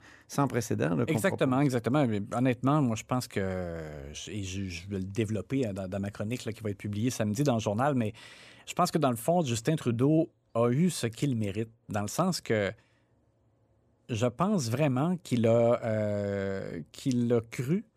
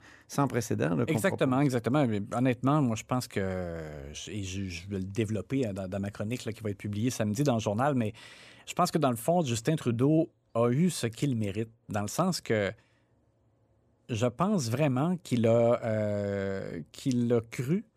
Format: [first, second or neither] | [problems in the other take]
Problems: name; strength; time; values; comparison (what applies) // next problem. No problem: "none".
neither | none